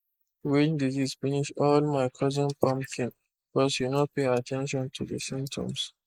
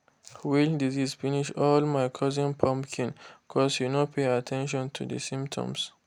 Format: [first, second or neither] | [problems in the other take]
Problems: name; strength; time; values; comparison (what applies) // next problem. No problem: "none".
second | noise reduction (neural mask model Resemble Enhance denoiser)